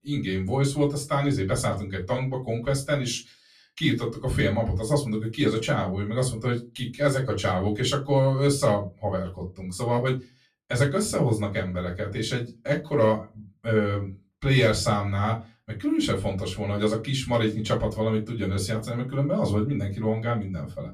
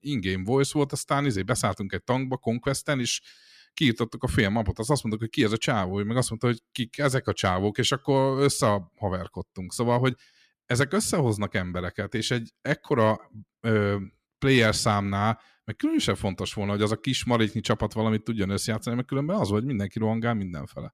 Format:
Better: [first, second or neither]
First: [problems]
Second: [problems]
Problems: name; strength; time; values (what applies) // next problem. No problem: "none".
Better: second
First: off-mic speech; far // room echo; very slight; dies away in 0.2 s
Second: none